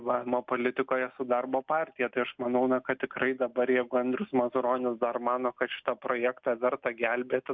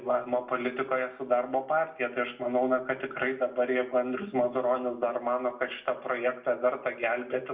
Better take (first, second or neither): first